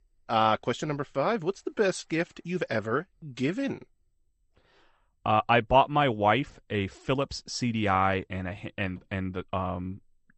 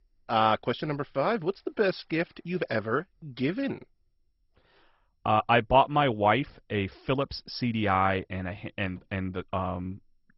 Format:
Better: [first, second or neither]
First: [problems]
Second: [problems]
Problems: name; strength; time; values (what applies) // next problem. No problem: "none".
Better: first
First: garbled, watery; slightly; nothing above 8.5 kHz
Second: garbled, watery; badly; nothing above 5.5 kHz